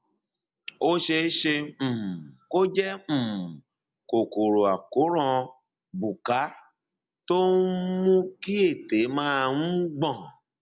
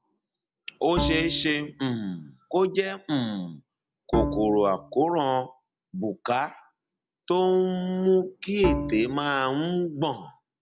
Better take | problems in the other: first | background sound (Bowed string instrument); 6 dB below the speech

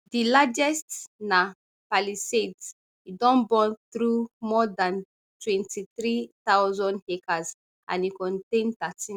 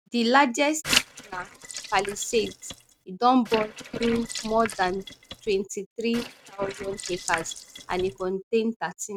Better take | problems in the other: first | noise reduction (neural mask model RNNoise)

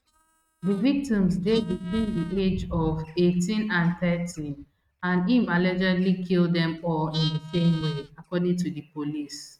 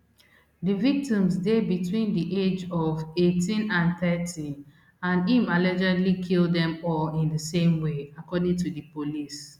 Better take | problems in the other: second | noise reduction (neural mask model RNNoise)

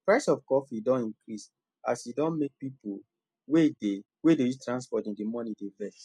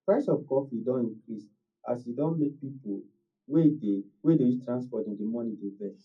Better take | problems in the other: first | room echo; dies away in 0.4 s

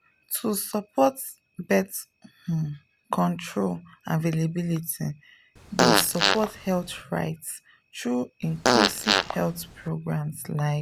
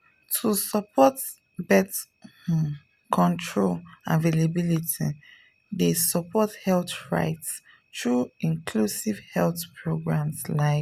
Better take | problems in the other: second | background sound (Fart); 3 dB above the speech

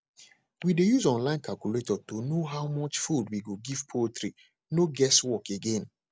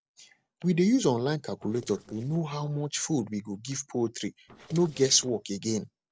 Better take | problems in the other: first | noise reduction (neural separator model SepFormer DNS4)

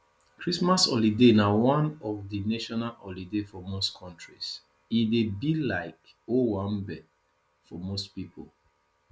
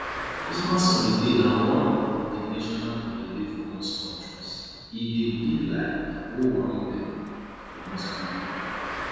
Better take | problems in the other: first | background sound (Car); 10 dB below the speech // room echo; dies away in 2.1 s

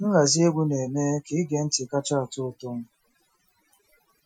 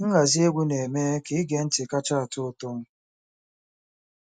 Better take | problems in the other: second | noise reduction (classical method Wiener filter)

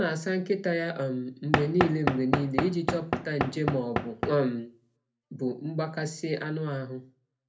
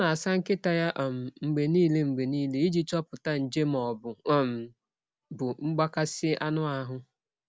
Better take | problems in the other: second | background sound (Knock / Wood); 1 dB below the speech // room echo; dies away in 0.3 s

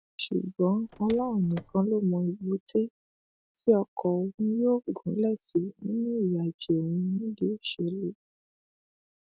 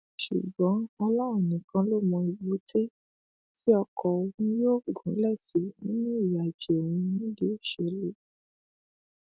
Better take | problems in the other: second | background sound (Car); 20 dB below the speech

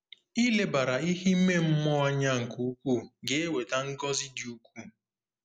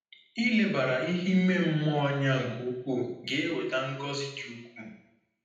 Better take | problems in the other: first | room echo; dies away in 0.8 s

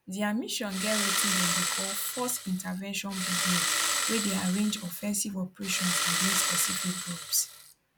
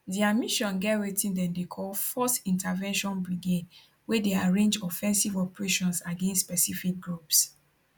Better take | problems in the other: second | background sound (Engine starting); 1 dB above the speech

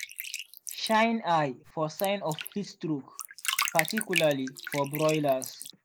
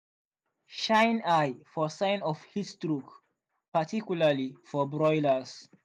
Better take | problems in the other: second | background sound (Bathtub (filling or washing)); 7 dB below the speech

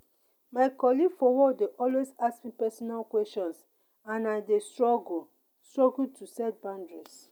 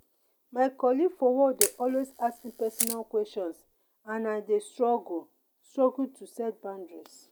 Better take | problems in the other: first | background sound (Camera); 6 dB below the speech

